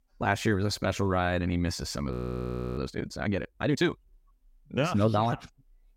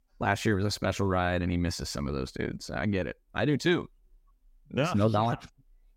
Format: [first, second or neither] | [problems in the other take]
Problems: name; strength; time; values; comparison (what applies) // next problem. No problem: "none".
second | audio freezing; at 2 s for 0.5 s